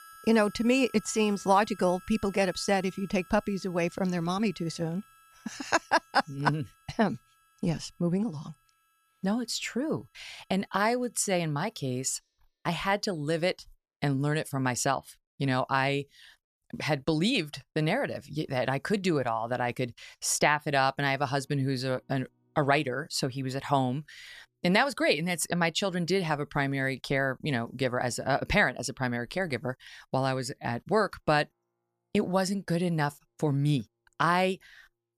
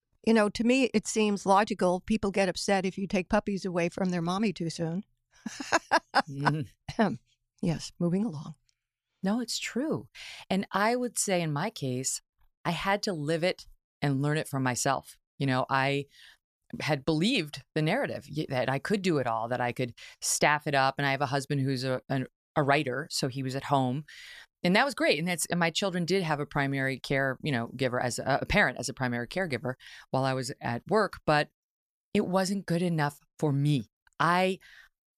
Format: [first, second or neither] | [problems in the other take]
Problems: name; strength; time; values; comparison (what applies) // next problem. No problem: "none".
second | background music; faint; throughout; 25 dB below the speech